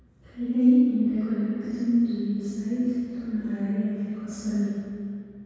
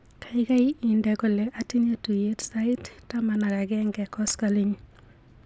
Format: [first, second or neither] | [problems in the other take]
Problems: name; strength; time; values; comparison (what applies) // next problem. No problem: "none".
second | room echo; dies away in 2 s